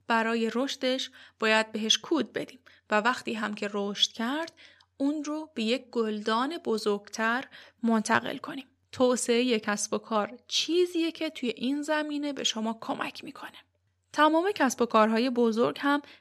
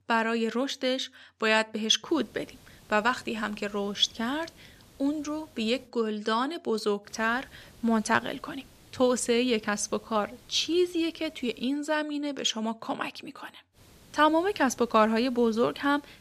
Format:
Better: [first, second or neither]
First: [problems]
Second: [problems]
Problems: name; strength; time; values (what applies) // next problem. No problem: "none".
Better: first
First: none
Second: hiss; faint; from 2 to 6 s, from 7 to 12 s and from 14 s on; 25 dB below the speech